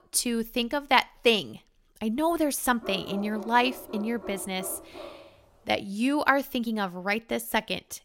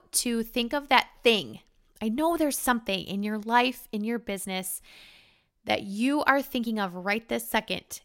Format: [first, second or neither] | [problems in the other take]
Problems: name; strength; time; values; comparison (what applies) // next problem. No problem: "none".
second | dog barking; faint; from 3 to 5.5 s; peak 10 dB below the speech